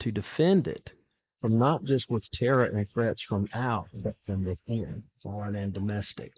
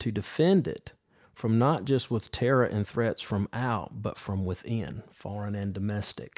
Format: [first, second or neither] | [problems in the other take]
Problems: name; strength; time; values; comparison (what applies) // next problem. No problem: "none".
second | noise reduction (neural mask model Resemble Enhance denoiser)